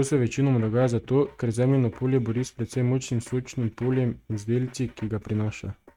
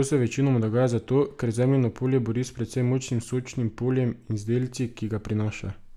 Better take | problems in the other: second | noise reduction (neural mask model RNNoise)

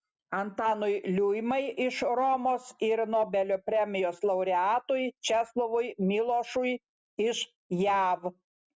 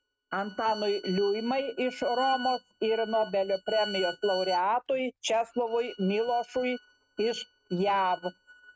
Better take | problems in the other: first | noise reduction (neural mask model RNNoise)

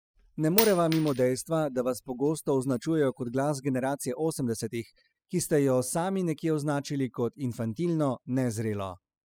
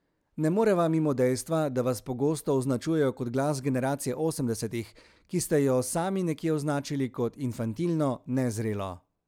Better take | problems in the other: second | noise reduction (classical method spectral subtraction)

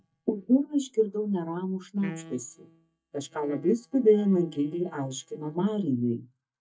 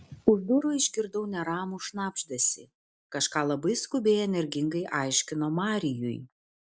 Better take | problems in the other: second | noise reduction (neural mask model DeepFilterNet 3)

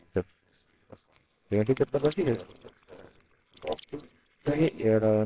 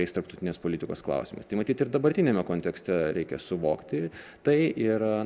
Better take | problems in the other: second | noise reduction (neural separator model SepFormer WHAMR!)

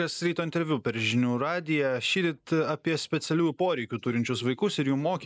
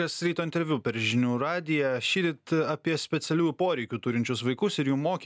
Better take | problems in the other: second | noise reduction (neural mask model Resemble Enhance denoiser)

